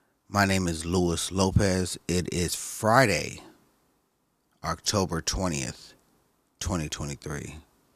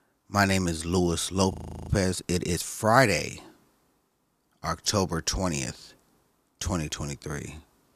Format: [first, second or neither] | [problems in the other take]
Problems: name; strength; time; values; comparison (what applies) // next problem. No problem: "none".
first | audio freezing; at 1.5 s